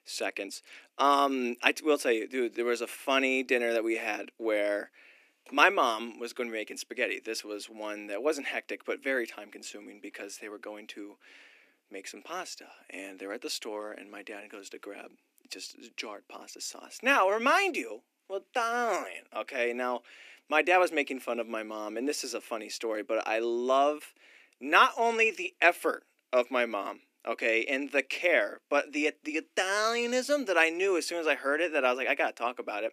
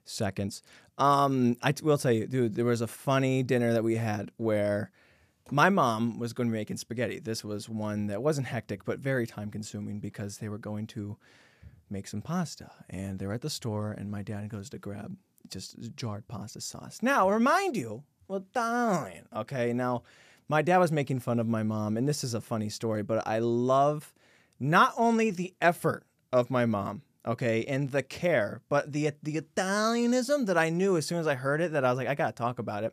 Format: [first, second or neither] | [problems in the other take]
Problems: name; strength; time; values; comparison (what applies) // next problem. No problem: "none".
second | thin; somewhat; fading below 250 Hz